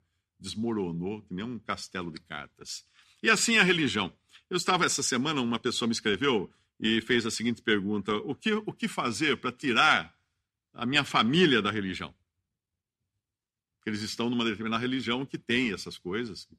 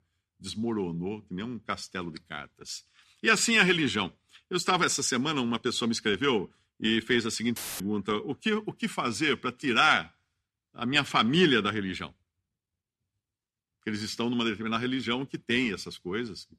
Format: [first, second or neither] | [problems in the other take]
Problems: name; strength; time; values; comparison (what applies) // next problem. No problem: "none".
first | audio cutting out; filled with static; at 7.5 s